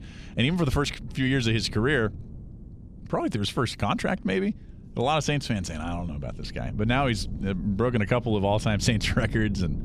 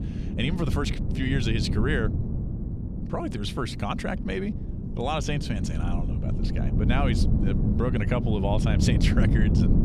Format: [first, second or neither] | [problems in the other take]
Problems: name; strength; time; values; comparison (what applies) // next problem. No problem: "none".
first | wind noise on the microphone; heavy; 6 dB below the speech; occasional gusts in the first